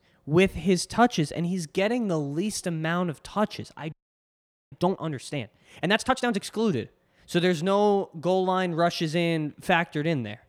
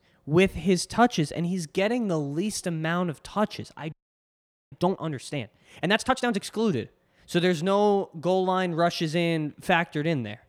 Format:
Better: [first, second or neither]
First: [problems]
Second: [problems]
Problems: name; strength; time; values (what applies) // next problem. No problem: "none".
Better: neither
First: audio freezing; at 4 s for 1 s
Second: audio freezing; at 4 s for 1 s